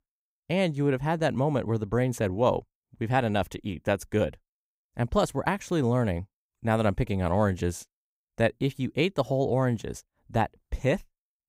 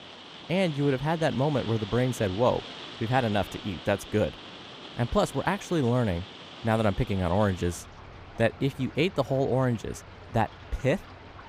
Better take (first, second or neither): first